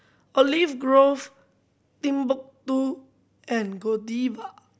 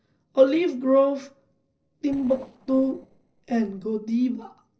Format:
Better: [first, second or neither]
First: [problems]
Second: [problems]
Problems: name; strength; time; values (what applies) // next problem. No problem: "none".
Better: first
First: none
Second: noise reduction (neural separator model SepFormer DNS4)